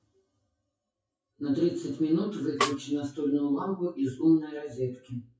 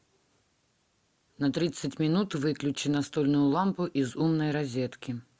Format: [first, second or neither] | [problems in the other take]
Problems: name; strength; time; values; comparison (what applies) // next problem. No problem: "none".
second | noise reduction (classical method WPE with log-MMSE)